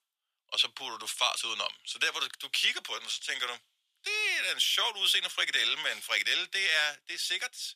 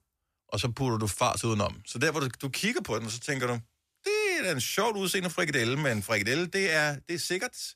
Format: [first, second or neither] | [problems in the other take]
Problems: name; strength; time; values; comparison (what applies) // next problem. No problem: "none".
second | thin; very; fading below 900 Hz